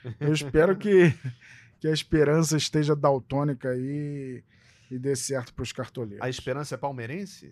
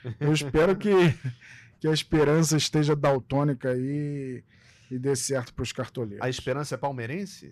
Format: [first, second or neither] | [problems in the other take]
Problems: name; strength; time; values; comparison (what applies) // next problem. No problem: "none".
first | distortion; slight; 5% of the sound clipped